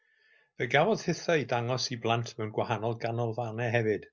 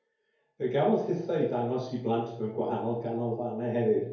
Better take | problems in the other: first | room echo; dies away in 2.3 s

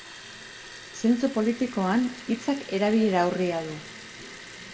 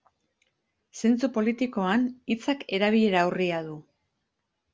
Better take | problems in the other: second | background sound (Liquid); 16 dB below the speech // room echo; dies away in 1.1 s

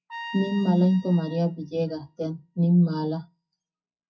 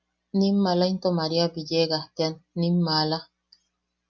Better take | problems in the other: second | noise reduction (classical method WPE with log-MMSE)

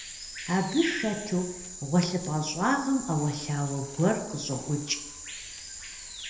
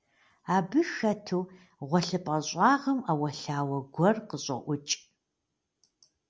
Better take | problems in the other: second | background sound (Bird vocalization, bird call, bird song); 11 dB below the speech // room echo; dies away in 0.9 s

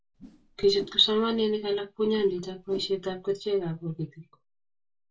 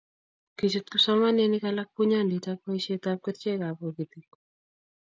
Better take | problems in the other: second | background sound (Whoosh, swoosh, swish); 19 dB below the speech // room echo; dies away in 0.1 s

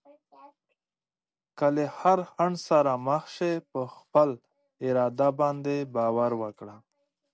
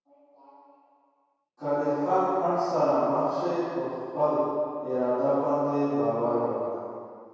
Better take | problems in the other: first | room echo; dies away in 2.2 s

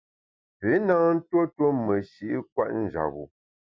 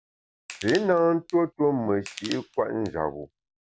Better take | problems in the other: first | background sound (Crushing); 17 dB below the speech

